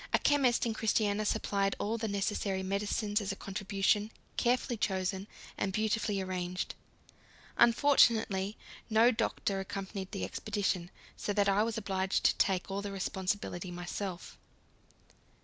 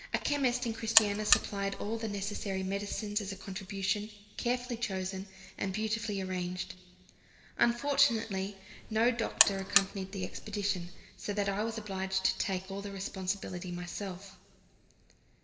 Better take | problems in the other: first | background sound (Alarm); 1 dB above the speech // room echo; dies away in 1.4 s

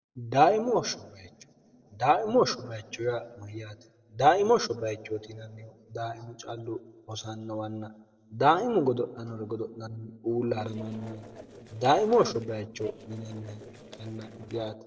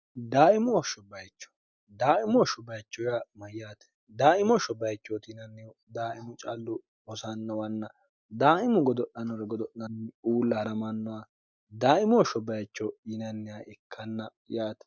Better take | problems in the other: second | noise reduction (neural separator model SepFormer DNS4)

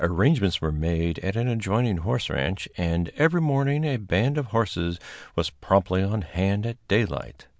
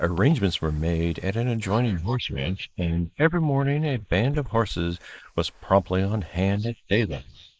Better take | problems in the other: first | noise reduction (neural mask model Resemble Enhance denoiser)

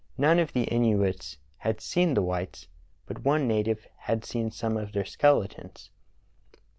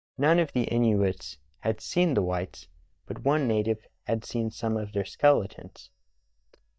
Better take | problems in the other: first | noise reduction (neural mask model DeepFilterNet 3)

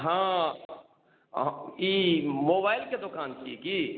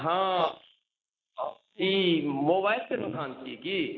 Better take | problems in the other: first | noise reduction (neural mask model Resemble Enhance denoiser)

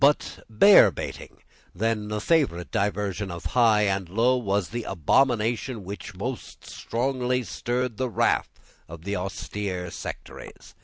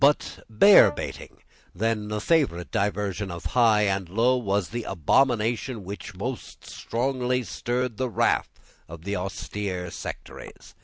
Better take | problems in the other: first | background sound (Brass instrument); 16 dB below the speech

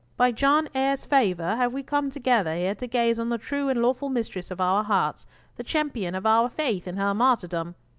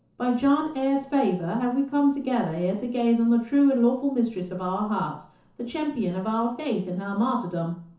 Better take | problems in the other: first | room echo; dies away in 0.9 s

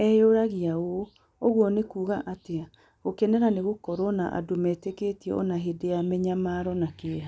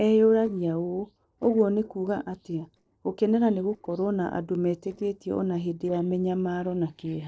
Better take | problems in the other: first | noise reduction (neural separator model SepFormer DNS4)

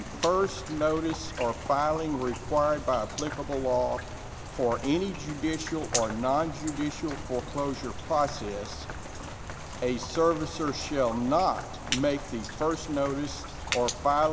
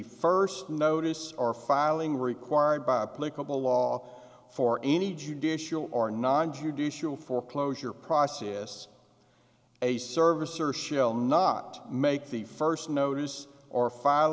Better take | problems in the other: second | background sound (Rain); 8 dB below the speech

